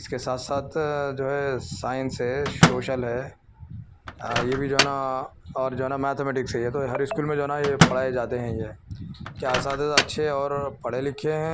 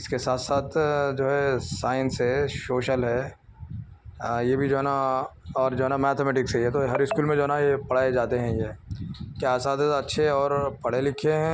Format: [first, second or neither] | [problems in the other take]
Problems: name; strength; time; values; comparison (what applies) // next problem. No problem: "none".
second | background sound (Microwave oven); 2 dB below the speech